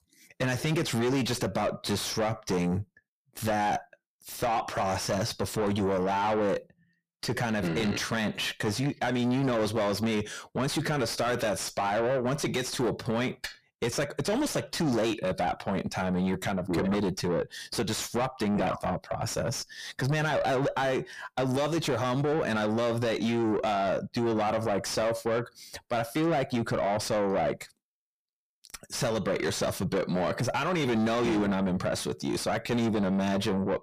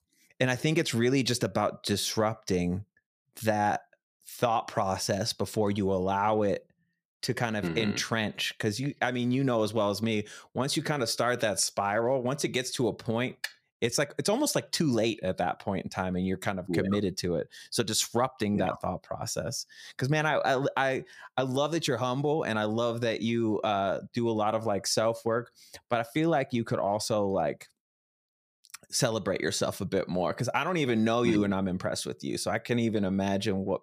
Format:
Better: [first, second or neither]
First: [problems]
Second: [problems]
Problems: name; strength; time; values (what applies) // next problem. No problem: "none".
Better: second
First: distortion; heavy; 7 dB below the speech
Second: none